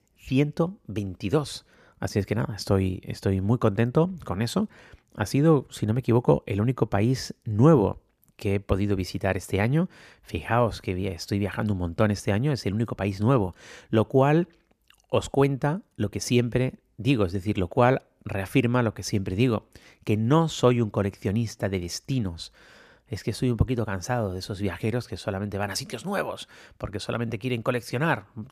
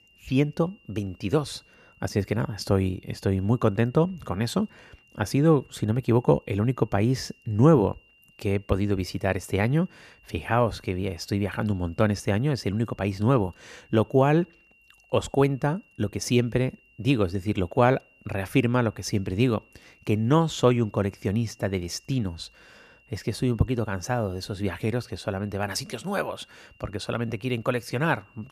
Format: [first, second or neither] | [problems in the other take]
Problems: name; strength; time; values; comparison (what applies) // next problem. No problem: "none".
first | high-pitched whine; faint; throughout; 3 kHz, 30 dB below the speech